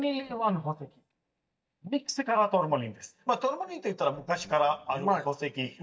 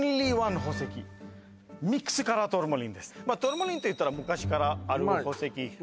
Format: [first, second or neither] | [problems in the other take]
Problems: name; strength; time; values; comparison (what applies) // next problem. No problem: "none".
second | noise reduction (neural mask model DeepFilterNet 3)